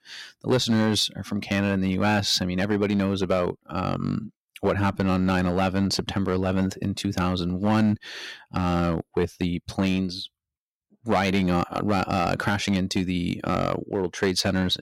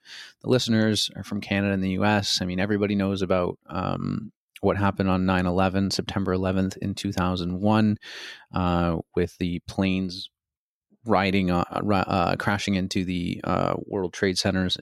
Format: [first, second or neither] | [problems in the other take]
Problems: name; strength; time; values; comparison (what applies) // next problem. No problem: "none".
second | distortion; slight; 4% of the sound clipped